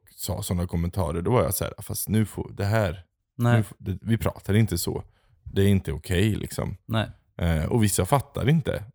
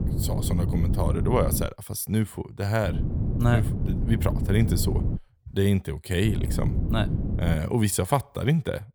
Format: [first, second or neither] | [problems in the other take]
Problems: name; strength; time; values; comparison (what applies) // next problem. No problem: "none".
first | wind noise on the microphone; heavy; until 1.5 s, from 3 to 5 s and from 6.5 to 7.5 s; 8 dB below the speech